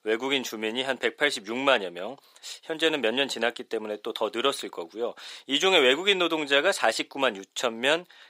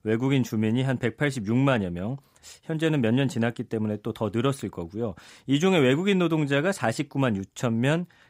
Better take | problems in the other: second | thin; very; fading below 400 Hz

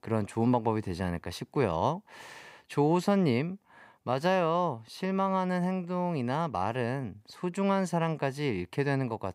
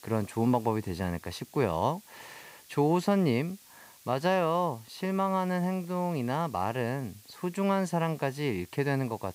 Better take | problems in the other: first | hiss; faint; throughout; 25 dB below the speech

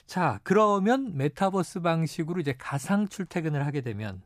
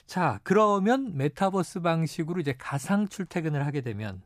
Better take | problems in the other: neither | none

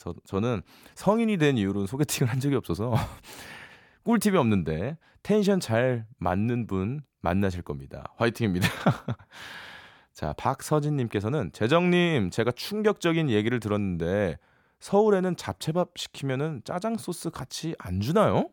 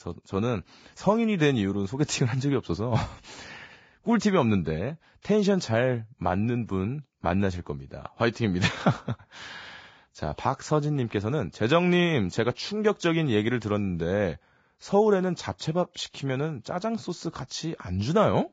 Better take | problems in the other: first | garbled, watery; badly; nothing above 7.5 kHz

